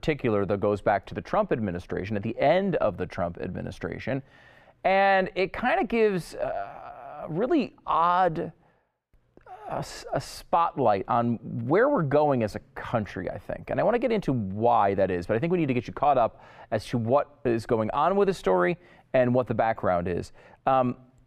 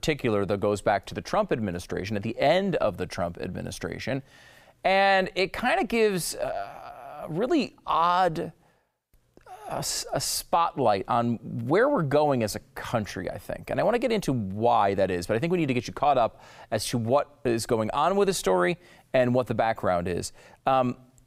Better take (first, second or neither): second